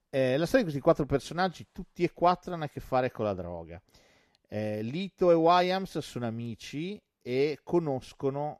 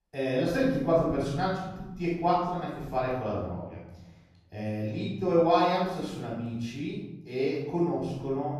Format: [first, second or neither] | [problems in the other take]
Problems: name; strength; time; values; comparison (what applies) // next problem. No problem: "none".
first | off-mic speech; far // room echo; noticeable; dies away in 1 s